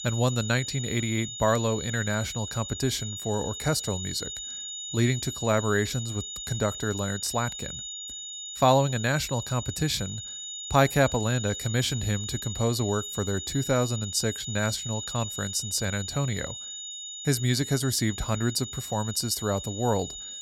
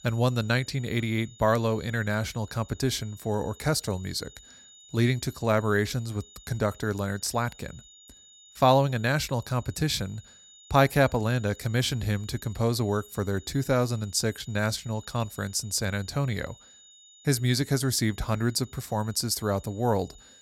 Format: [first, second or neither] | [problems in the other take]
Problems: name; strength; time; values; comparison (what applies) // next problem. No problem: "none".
second | high-pitched whine; loud; throughout; 7 kHz, 7 dB below the speech; faint in the second